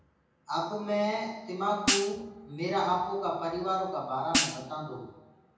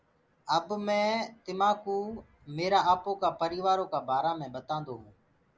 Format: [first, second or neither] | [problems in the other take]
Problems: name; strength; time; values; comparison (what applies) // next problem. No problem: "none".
second | background sound (Hi-hat); 1 dB above the speech // room echo; dies away in 0.9 s